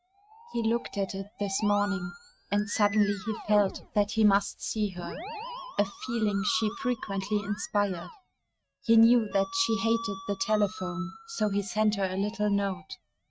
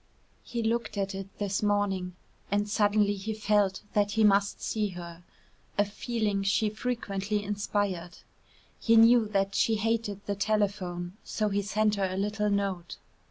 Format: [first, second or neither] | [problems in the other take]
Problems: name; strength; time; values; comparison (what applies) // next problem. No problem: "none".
second | noise reduction (neural mask model RNNoise)